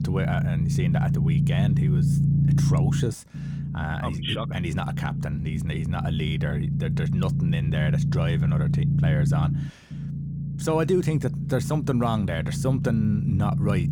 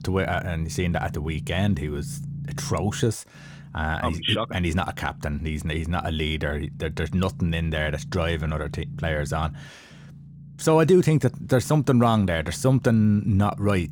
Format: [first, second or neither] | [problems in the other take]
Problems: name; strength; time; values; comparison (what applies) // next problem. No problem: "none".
second | low rumble; loud; throughout; 4 dB below the speech; faint in the second